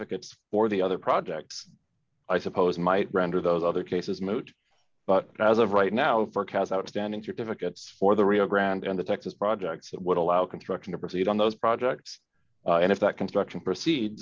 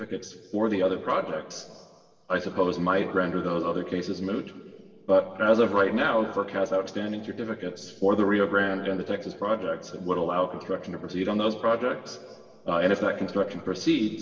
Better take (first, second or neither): first